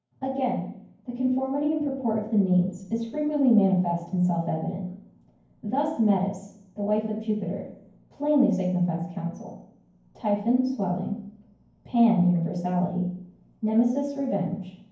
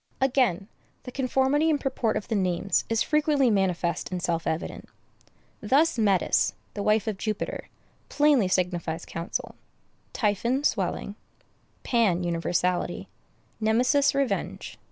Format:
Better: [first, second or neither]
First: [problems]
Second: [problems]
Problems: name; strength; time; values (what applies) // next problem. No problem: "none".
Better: second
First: room echo; dies away in 0.9 s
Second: none